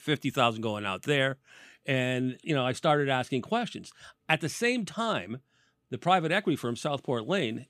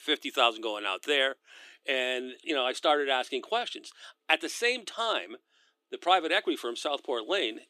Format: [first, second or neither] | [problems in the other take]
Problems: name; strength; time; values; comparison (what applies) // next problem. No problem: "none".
first | thin; somewhat; fading below 300 Hz